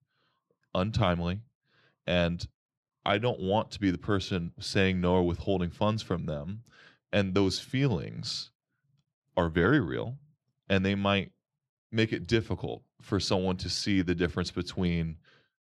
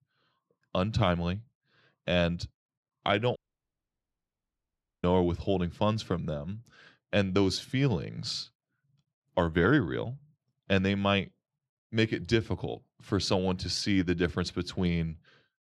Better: first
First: none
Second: audio cutting out; at 3.5 s for 1.5 s

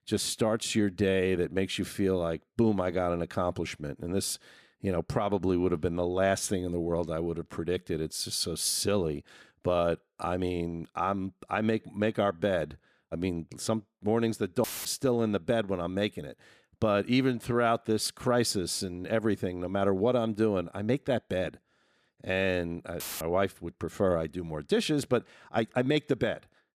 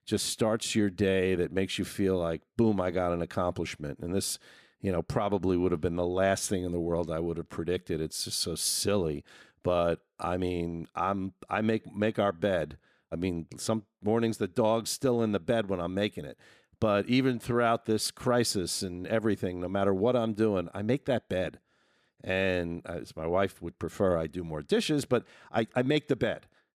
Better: second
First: audio cutting out; filled with static; at 15 s and at 23 s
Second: none

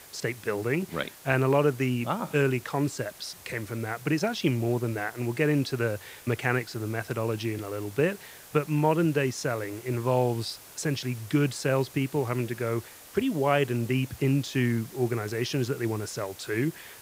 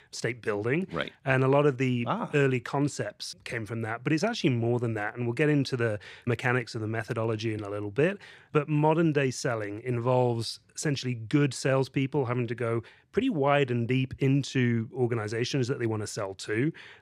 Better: second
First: hiss; noticeable; throughout; 20 dB below the speech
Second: none

